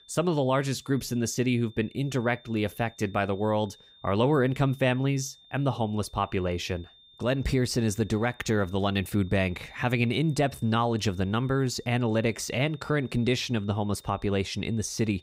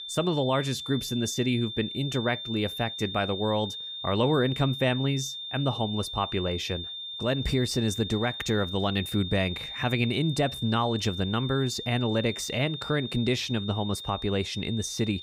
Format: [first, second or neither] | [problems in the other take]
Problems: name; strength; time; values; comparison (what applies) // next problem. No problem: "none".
first | high-pitched whine; loud; throughout; 3.5 kHz, 7 dB below the speech; faint in the first